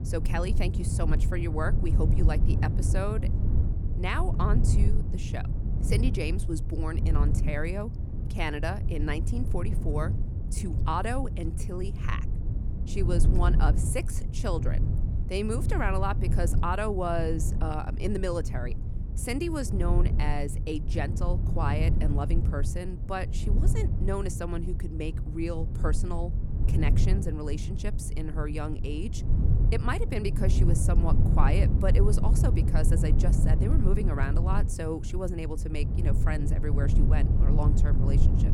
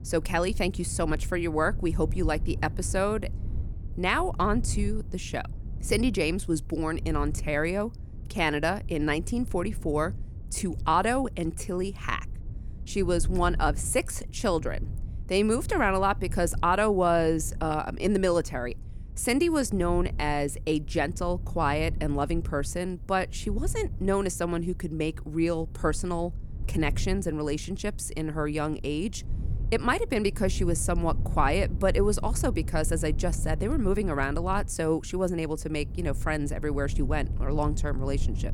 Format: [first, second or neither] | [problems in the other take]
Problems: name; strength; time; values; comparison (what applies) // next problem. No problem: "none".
second | low rumble; loud; throughout; 7 dB below the speech; faint in the second